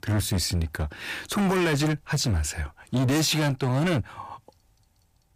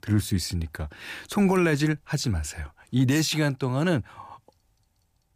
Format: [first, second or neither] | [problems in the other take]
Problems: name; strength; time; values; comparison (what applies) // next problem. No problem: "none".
second | distortion; heavy; 16% of the sound clipped